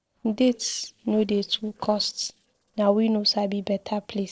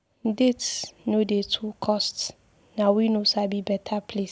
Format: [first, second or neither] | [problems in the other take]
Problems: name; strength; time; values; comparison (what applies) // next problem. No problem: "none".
second | noise reduction (neural separator model SepFormer DNS4)